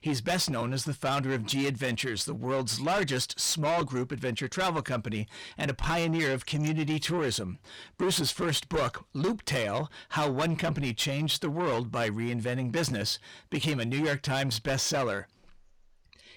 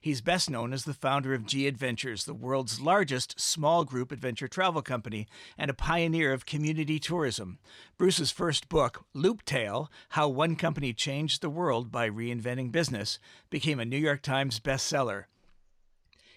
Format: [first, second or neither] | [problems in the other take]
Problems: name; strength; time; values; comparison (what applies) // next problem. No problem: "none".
second | distortion; heavy; 7 dB below the speech